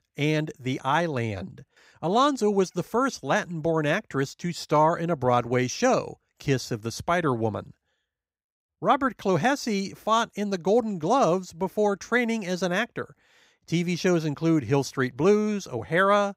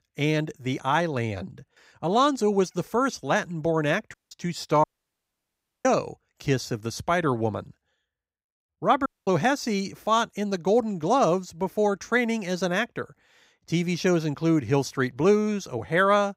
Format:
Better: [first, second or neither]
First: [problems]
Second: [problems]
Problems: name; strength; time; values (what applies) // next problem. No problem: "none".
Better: first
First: none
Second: audio cutting out; at 4 s, at 5 s for 1 s and at 9 s